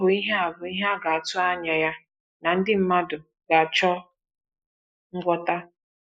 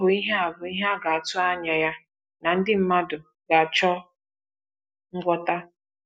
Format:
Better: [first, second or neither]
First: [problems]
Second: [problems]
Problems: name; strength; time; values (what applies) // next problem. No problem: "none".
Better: second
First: noise reduction (neural mask model Resemble Enhance denoiser)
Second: none